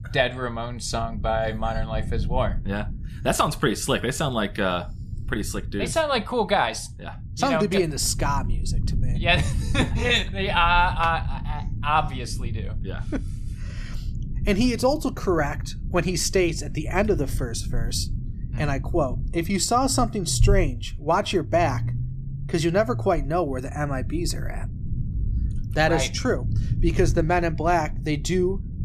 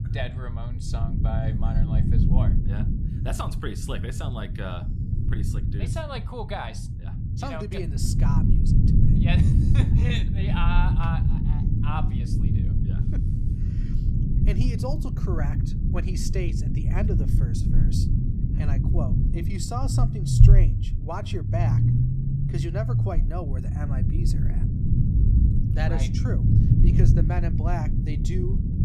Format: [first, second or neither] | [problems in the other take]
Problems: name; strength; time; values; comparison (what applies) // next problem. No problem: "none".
first | low rumble; loud; throughout; 1 dB below the speech; faint in the first